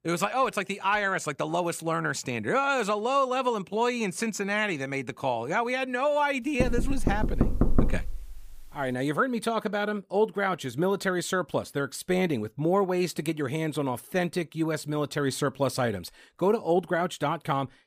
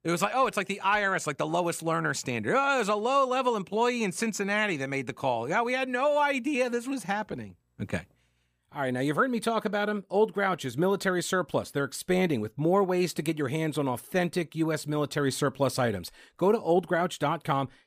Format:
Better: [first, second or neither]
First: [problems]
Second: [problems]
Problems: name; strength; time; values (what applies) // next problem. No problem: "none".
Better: second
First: door banging; loud; from 6.5 to 8 s; peak 1 dB above the speech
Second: none